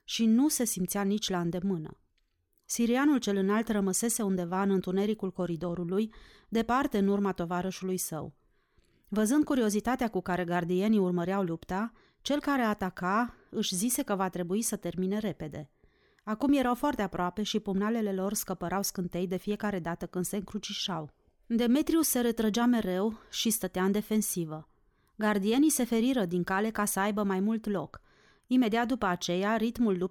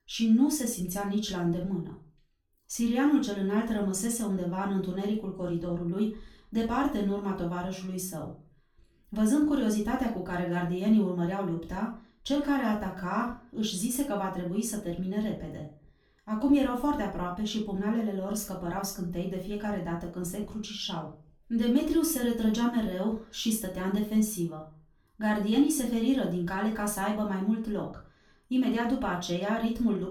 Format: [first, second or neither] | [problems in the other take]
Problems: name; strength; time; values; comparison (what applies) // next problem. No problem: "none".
first | off-mic speech; far // room echo; slight; dies away in 0.3 s